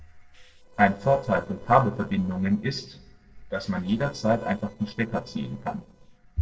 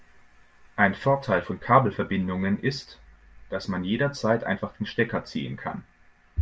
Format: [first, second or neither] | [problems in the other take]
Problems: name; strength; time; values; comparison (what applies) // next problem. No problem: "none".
second | noise reduction (neural separator model SepFormer DNS4)